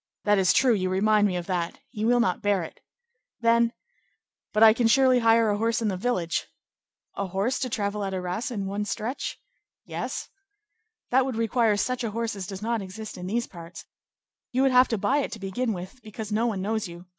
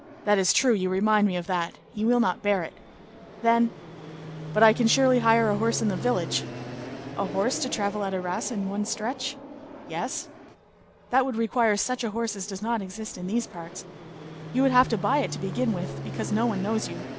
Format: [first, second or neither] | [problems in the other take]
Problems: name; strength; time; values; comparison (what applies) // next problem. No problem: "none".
first | background sound (Fixed-wing aircraft, airplane); 12 dB below the speech